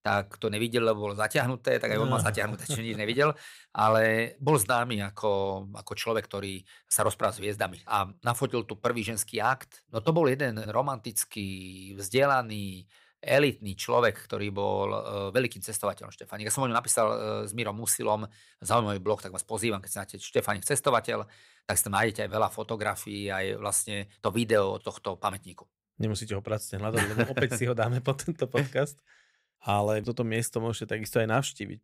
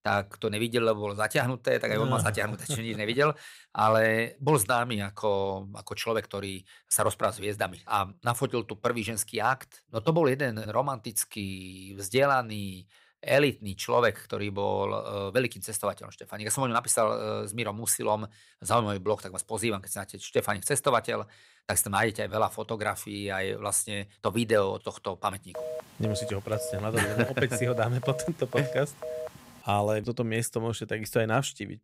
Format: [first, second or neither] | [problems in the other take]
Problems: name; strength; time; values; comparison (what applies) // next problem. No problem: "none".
first | phone ringing; noticeable; from 26 to 30 s; peak 9 dB below the speech